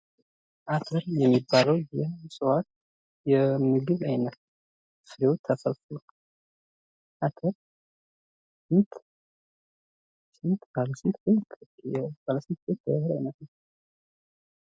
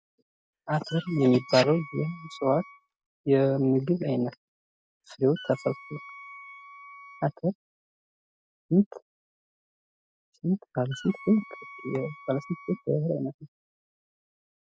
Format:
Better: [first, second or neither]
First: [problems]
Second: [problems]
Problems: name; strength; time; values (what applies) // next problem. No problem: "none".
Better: first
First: none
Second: background sound (Wind instrument, woodwind instrument); 18 dB below the speech